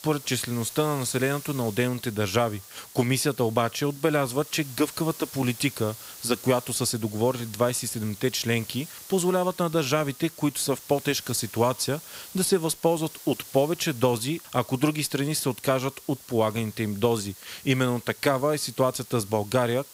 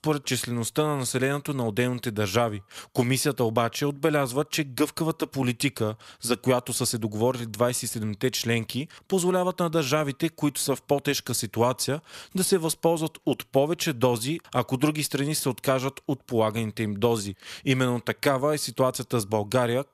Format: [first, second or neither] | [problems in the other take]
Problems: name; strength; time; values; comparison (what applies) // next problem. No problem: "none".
second | hiss; noticeable; throughout; 15 dB below the speech